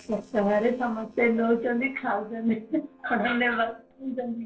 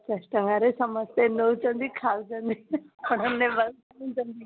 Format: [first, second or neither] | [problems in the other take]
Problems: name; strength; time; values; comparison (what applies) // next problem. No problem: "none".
second | noise reduction (neural separator model SepFormer DNS4)